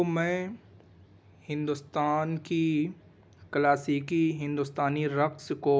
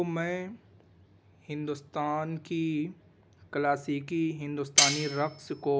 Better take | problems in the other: first | background sound (Cutlery, silverware); 5 dB above the speech

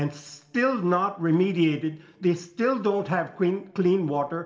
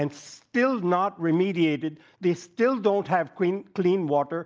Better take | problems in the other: second | room echo; dies away in 1.4 s

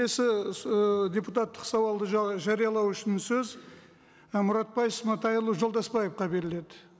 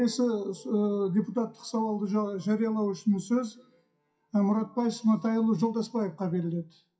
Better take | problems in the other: first | noise reduction (classical method WPE with log-MMSE)

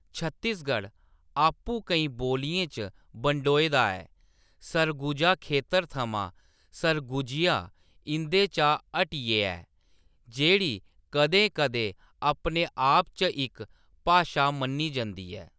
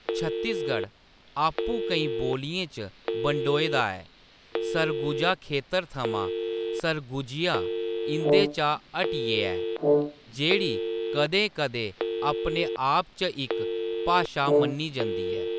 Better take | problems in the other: first | background sound (Brass instrument + Telephone); as loud as the speech

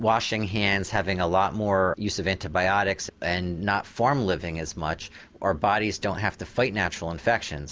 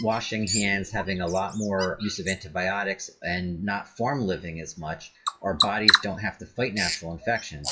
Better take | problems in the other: first | noise reduction (classical method WPE with log-MMSE)

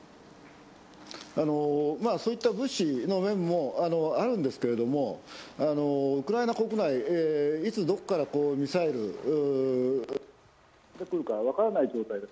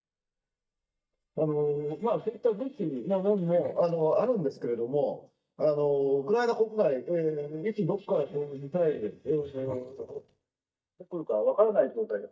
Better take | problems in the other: first | noise reduction (neural mask model DeepFilterNet 3)

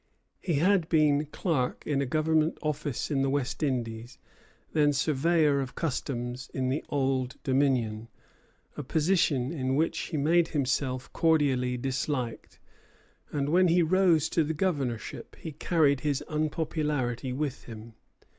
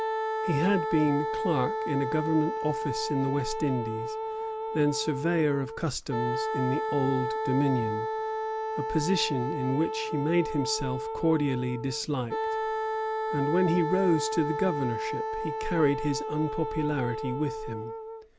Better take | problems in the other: first | background sound (Wind instrument, woodwind instrument); 2 dB below the speech

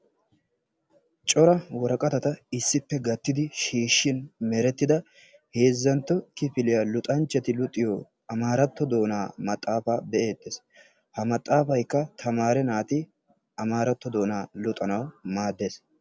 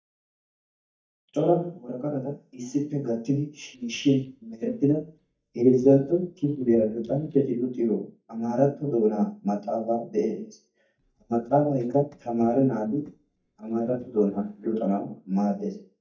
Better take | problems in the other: first | noise reduction (neural mask model DeepFilterNet 3)

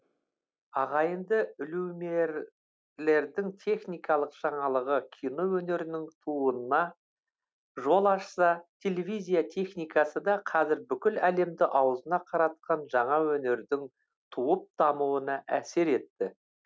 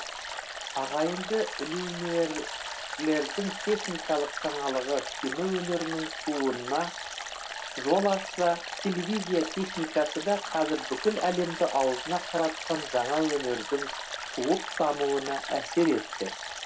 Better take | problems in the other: first | background sound (Stream); 7 dB below the speech // room echo; dies away in 0.2 s

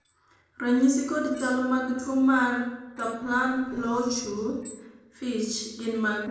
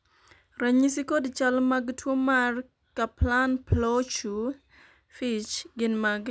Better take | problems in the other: second | noise reduction (neural separator model SepFormer DNS4)

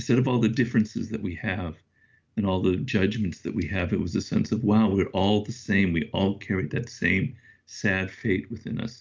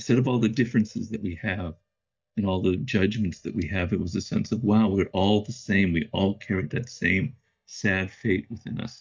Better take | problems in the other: first | noise reduction (neural mask model DeepFilterNet 3)

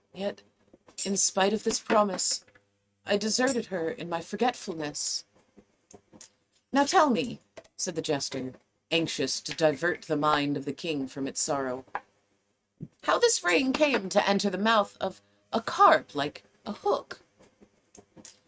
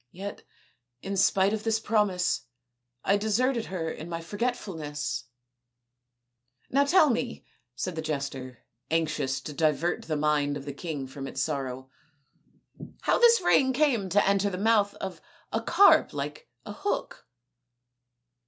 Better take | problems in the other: second | noise reduction (neural mask model RNNoise)

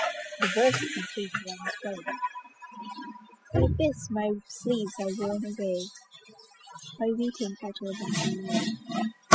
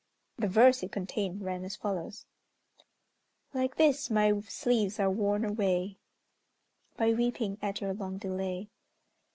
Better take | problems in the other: second | noise reduction (classical method spectral subtraction)

